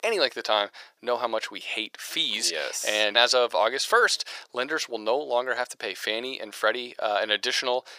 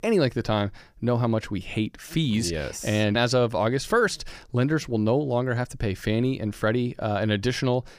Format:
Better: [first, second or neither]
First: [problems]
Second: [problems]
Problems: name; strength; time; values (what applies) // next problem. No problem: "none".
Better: second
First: thin; very; fading below 550 Hz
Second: none